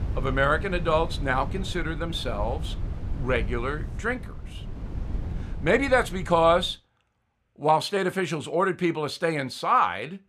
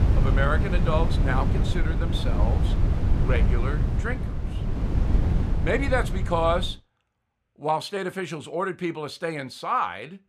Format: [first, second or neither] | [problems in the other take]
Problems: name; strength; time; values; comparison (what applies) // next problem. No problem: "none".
first | wind noise on the microphone; heavy; until 6.5 s; 8 dB below the speech; occasional gusts in the first